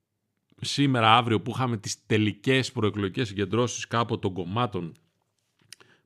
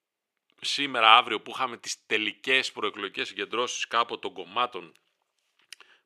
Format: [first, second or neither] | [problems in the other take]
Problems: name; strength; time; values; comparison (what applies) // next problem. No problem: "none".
first | thin; very; fading below 550 Hz